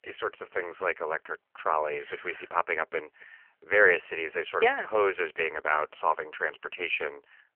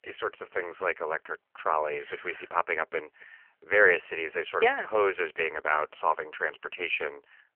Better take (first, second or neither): neither